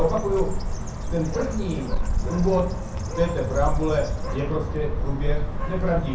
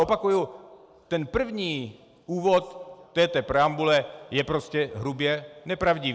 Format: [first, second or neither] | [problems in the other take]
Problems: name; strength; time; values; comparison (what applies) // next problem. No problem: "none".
second | background sound (Bird); 1 dB above the speech // room echo; dies away in 0.6 s